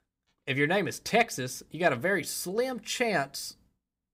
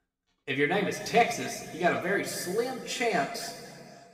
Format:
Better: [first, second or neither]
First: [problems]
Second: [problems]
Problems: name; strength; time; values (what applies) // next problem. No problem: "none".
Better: first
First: none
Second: room echo; noticeable; dies away in 1.9 s // off-mic speech; somewhat distant